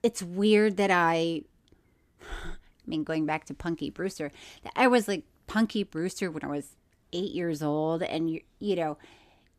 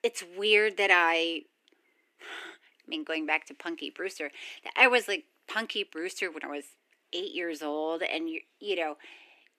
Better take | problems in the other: first | thin; somewhat; fading below 300 Hz

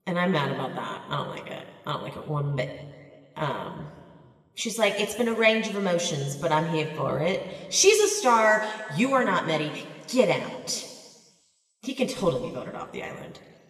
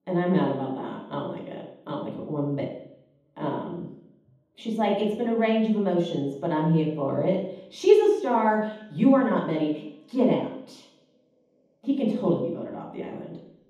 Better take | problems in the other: first | room echo; strong; dies away in 0.9 s; slight in the first // off-mic speech; far; somewhat distant in the first

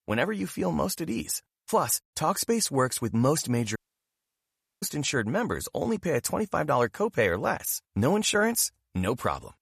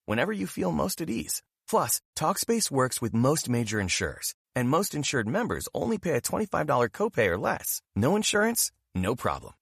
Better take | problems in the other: second | audio cutting out; at 4 s for 1 s

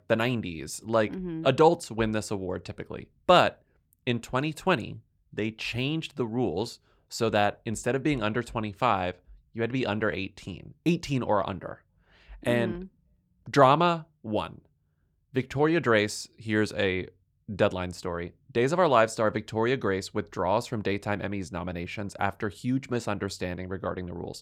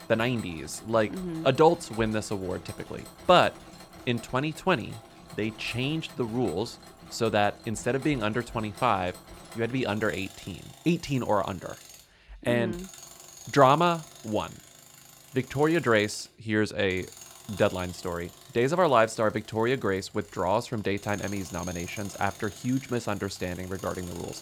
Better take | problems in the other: first | machinery noise; noticeable; throughout; 20 dB below the speech

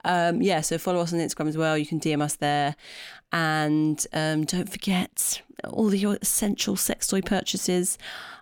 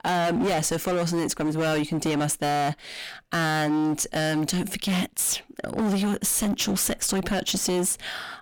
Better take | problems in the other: first | distortion; heavy; 25% of the sound clipped

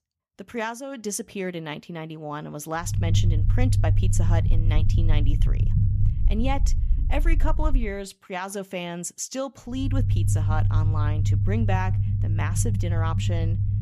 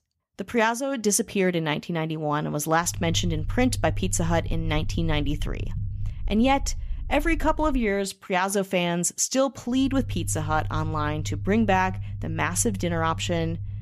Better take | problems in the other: second | low rumble; loud; from 3 to 8 s and from 10 s on; 7 dB below the speech; faint in the second

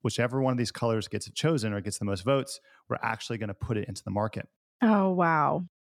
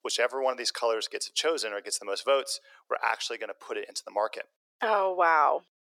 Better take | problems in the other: first | thin; very; fading below 450 Hz

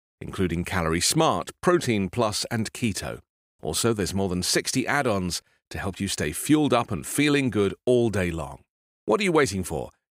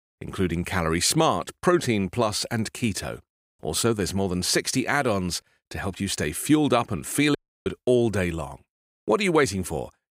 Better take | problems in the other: first | audio cutting out; at 7.5 s

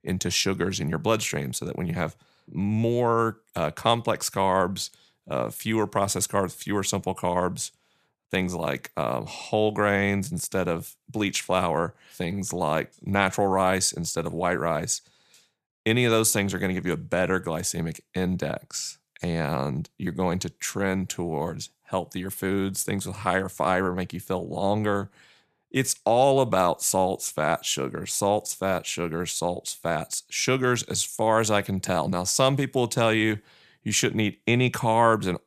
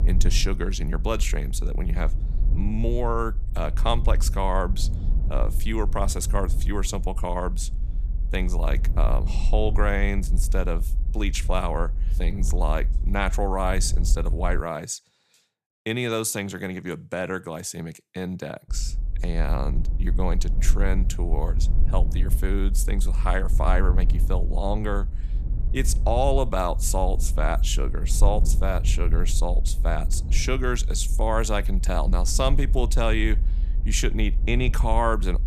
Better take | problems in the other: first | low rumble; noticeable; until 15 s and from 19 s on; 15 dB below the speech

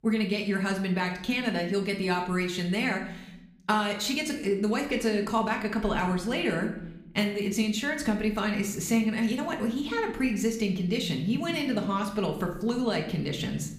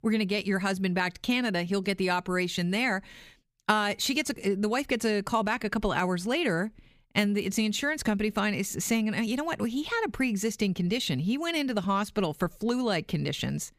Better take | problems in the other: second | room echo; slight; dies away in 0.7 s // off-mic speech; somewhat distant

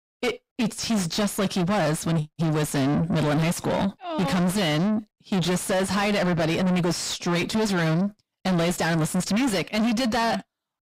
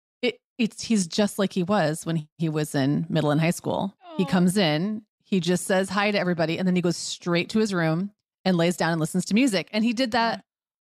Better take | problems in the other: second | distortion; heavy; 6 dB below the speech

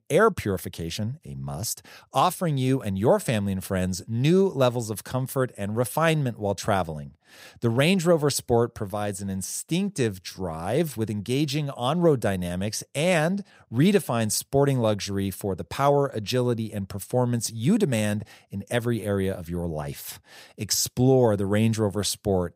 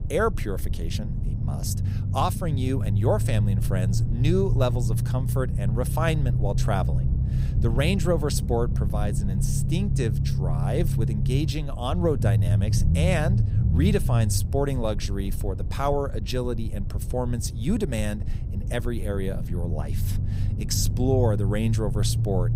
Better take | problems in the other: first | low rumble; loud; throughout; 9 dB below the speech

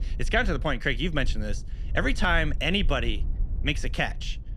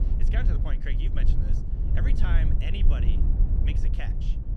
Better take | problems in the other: first | low rumble; loud; throughout; 3 dB below the speech; faint in the first

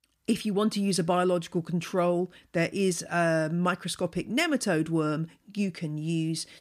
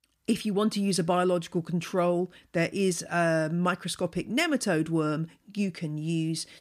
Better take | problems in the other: neither | none

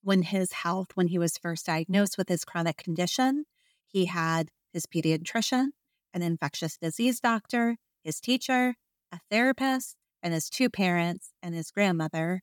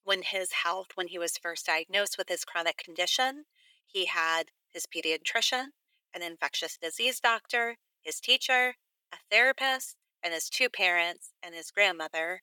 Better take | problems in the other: first | thin; very; fading below 450 Hz

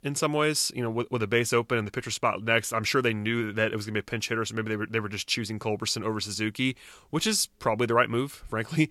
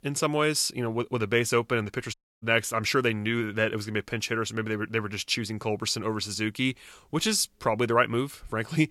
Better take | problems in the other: first | audio cutting out; at 2 s

